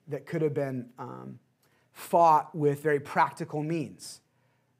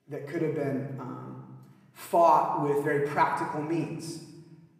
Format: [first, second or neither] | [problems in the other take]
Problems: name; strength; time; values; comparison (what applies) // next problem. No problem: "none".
first | room echo; noticeable; dies away in 1.1 s // off-mic speech; somewhat distant